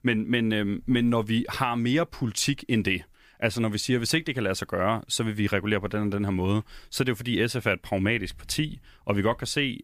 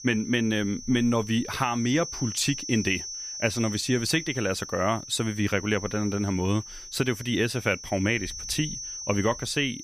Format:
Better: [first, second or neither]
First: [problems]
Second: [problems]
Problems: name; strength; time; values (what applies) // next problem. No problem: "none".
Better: first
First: none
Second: high-pitched whine; loud; throughout; 6 kHz, 9 dB below the speech